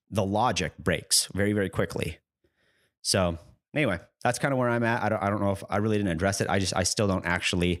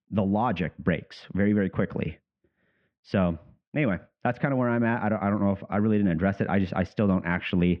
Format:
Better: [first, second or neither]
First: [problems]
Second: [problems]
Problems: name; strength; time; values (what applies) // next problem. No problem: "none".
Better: first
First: none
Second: muffled; very; fading above 2.5 kHz